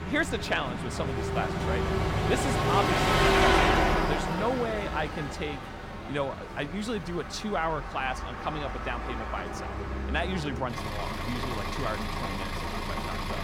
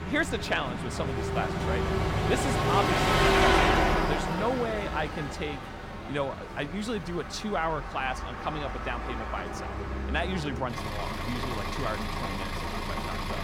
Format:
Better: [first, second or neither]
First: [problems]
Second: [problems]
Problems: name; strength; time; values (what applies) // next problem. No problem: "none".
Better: neither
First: traffic noise; very loud; throughout; 4 dB above the speech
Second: traffic noise; very loud; throughout; 4 dB above the speech